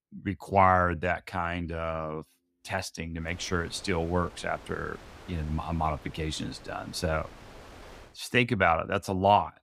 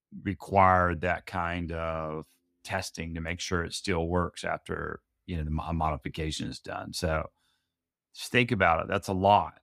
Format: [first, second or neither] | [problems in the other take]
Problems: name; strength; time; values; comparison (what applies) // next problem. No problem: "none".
second | wind noise on the microphone; occasional gusts; from 3 to 8 s; 20 dB below the speech